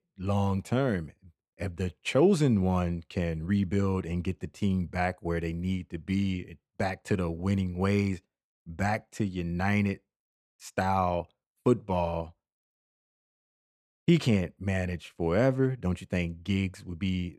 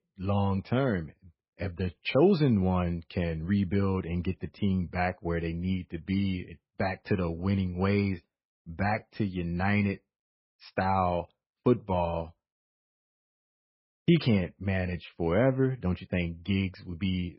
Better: first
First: none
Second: garbled, watery; badly; nothing above 5.5 kHz

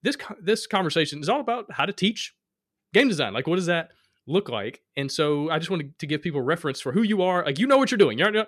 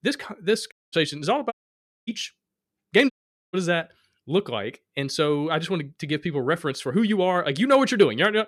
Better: first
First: none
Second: audio cutting out; at 0.5 s, at 1.5 s for 0.5 s and at 3 s

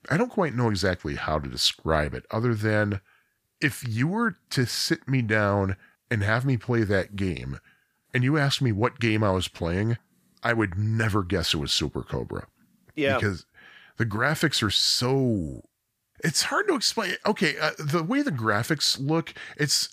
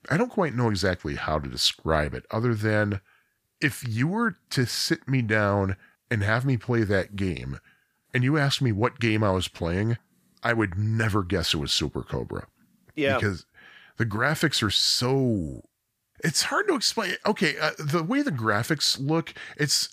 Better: neither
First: none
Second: none

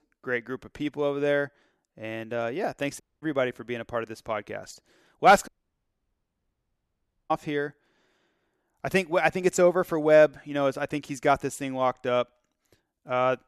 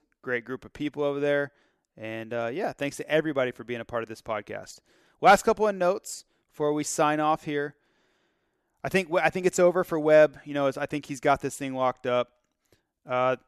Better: second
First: audio cutting out; at 3 s and at 5.5 s for 2 s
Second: none

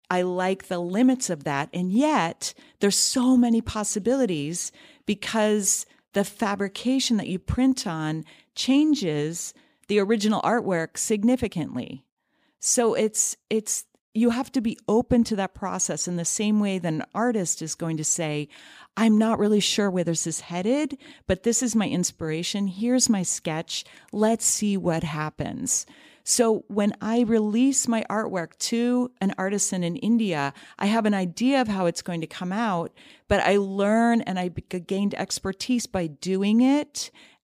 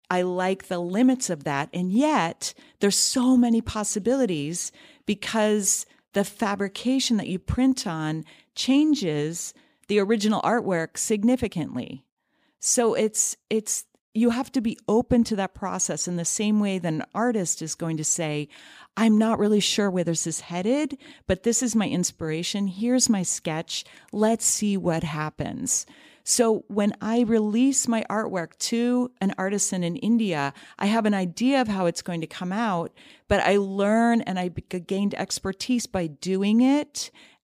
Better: neither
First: none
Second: none

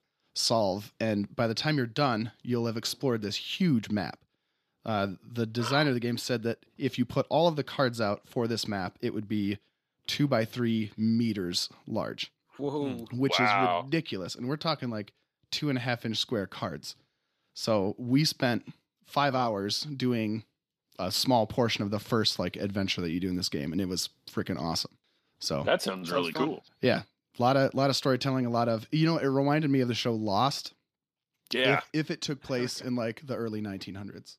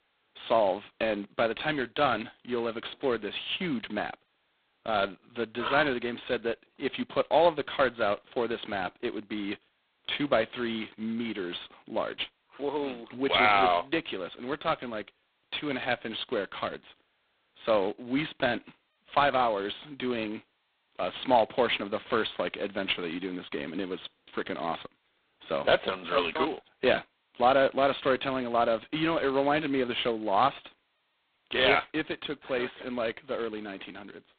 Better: first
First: none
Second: phone-call audio; poor line; nothing above 4 kHz

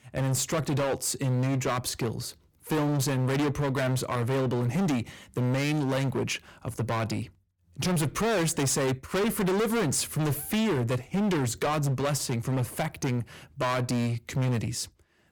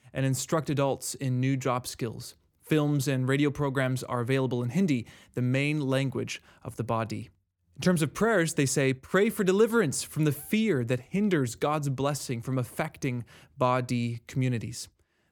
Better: second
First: distortion; heavy; 24% of the sound clipped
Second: none

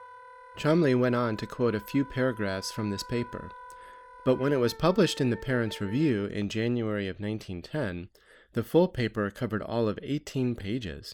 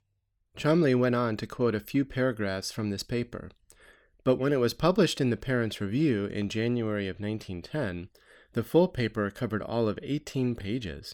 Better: second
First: background music; noticeable; until 6 s; 20 dB below the speech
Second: none

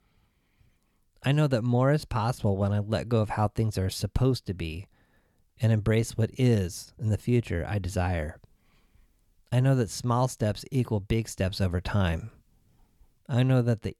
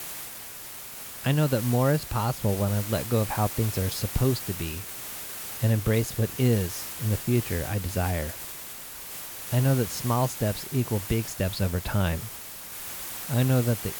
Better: first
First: none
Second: hiss; loud; throughout; 8 dB below the speech

